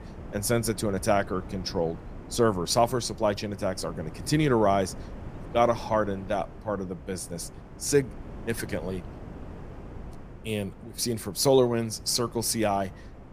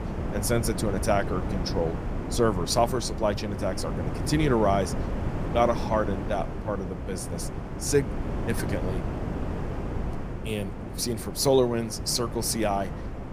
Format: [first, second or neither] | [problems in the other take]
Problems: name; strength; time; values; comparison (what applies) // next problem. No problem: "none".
first | wind noise on the microphone; heavy; 10 dB below the speech; occasional gusts in the first